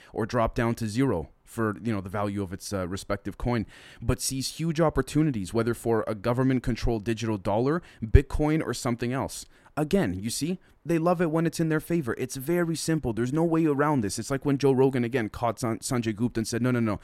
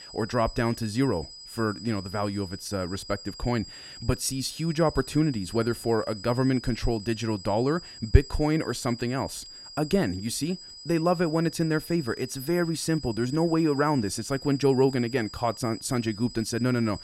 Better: first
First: none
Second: high-pitched whine; noticeable; throughout; 5 kHz, 15 dB below the speech

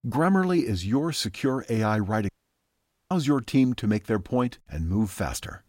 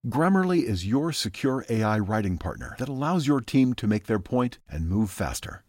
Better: second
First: audio cutting out; at 2.5 s for 1 s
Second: none

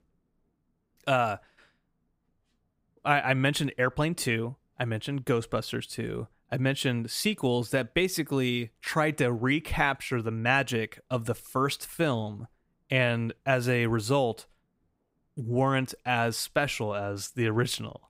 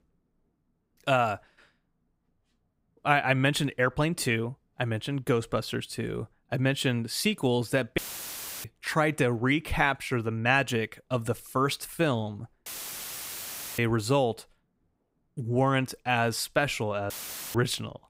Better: first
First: none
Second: audio cutting out; filled with static; at 8 s for 0.5 s, at 13 s for 1 s and at 17 s

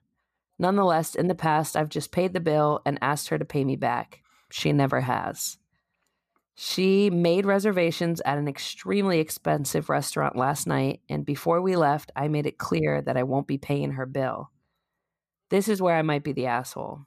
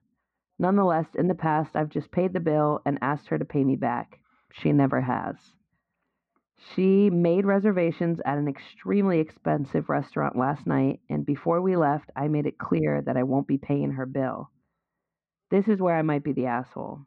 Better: first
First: none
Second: muffled; very; fading above 2 kHz

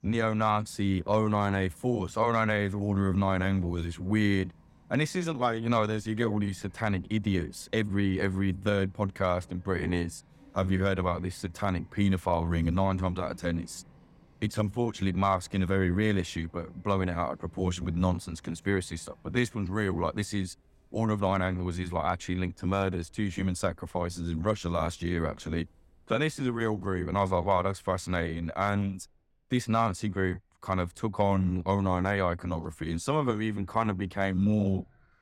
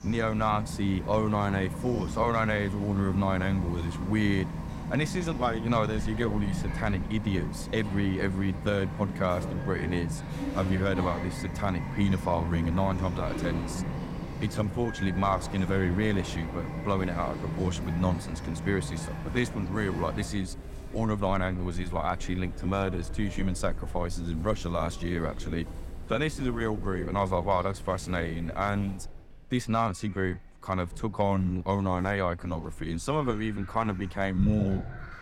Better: first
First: animal sounds; faint; throughout; 30 dB below the speech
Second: animal sounds; loud; throughout; 7 dB below the speech

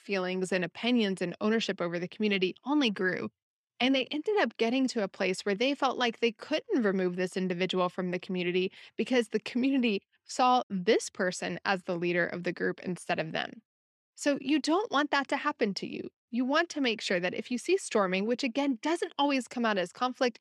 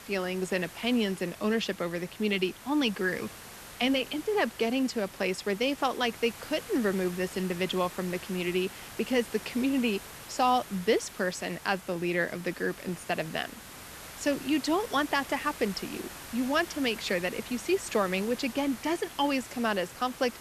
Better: first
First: none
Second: hiss; noticeable; throughout; 15 dB below the speech

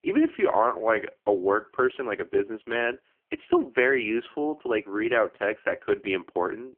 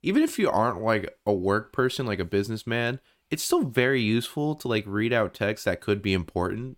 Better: second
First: phone-call audio; poor line; nothing above 3 kHz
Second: none

